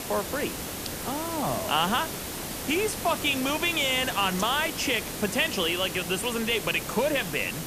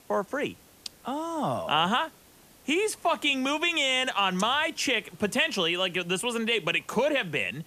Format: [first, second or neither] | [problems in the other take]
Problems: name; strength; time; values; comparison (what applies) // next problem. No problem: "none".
second | hiss; loud; throughout; 6 dB below the speech; faint in the second